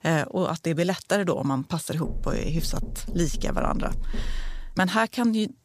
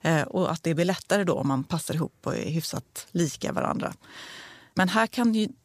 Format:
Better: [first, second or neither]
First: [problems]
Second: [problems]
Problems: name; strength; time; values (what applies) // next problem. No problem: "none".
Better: second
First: door banging; noticeable; from 2 to 5 s; peak 9 dB below the speech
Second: none